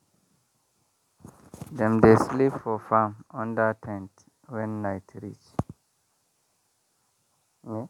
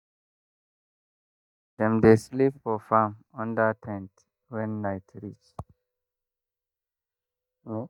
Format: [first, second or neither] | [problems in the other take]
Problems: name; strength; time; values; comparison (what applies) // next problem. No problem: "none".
first | noise reduction (neural mask model DeepFilterNet 3)